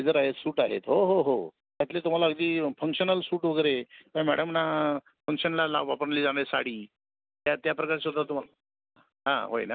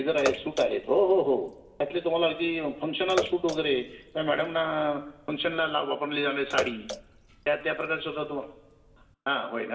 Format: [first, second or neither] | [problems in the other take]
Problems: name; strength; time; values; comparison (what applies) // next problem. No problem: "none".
first | background sound (Bathtub (filling or washing) / Water / Splash, splatter); 10 dB below the speech // room echo; dies away in 1.1 s